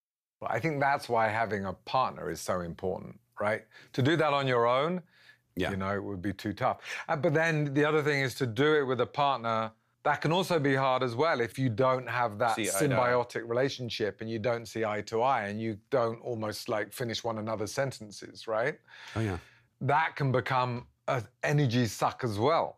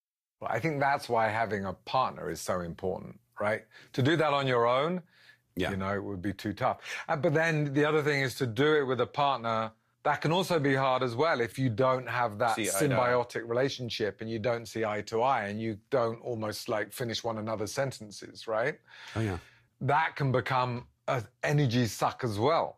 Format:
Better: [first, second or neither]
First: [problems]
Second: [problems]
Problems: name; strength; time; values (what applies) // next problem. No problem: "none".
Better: first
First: none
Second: garbled, watery; slightly; nothing above 14.5 kHz